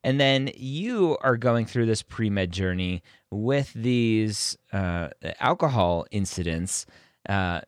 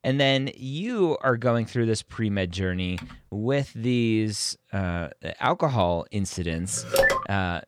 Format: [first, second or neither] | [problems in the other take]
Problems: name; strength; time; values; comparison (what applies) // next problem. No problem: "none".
first | keyboard typing; faint; at 3 s; peak 15 dB below the speech // phone ringing; loud; at 7 s; peak 5 dB above the speech